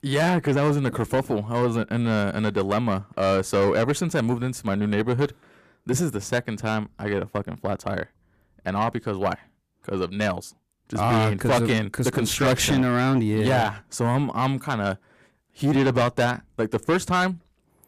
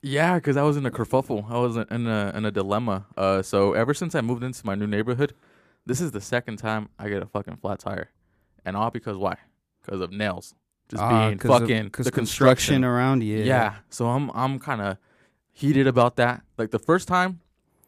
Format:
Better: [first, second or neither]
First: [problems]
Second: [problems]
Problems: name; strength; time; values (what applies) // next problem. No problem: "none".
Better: second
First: distortion; heavy; 8 dB below the speech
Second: none